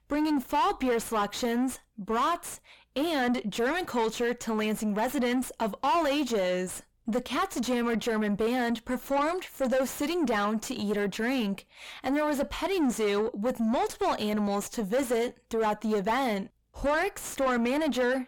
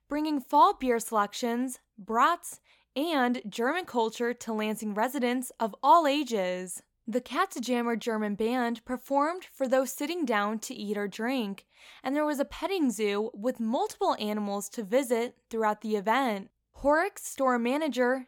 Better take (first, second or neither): second